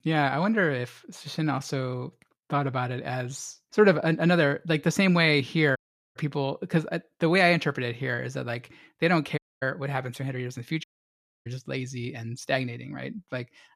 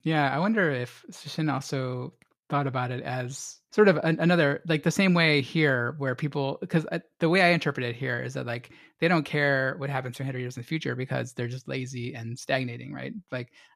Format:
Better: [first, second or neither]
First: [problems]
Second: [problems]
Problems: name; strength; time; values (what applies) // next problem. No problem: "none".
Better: second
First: audio cutting out; at 6 s, at 9.5 s and at 11 s for 0.5 s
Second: none